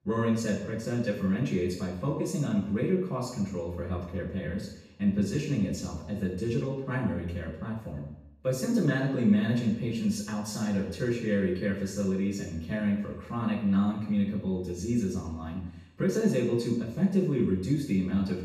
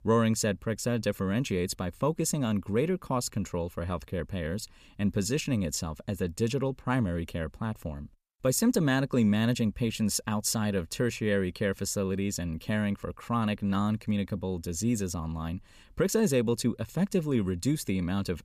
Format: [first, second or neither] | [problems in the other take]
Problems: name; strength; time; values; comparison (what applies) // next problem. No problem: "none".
second | room echo; noticeable; dies away in 0.8 s // off-mic speech; far